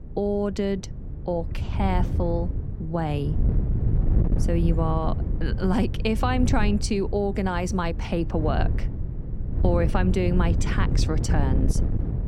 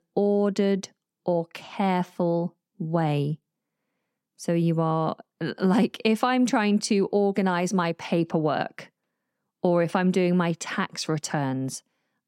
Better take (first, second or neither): second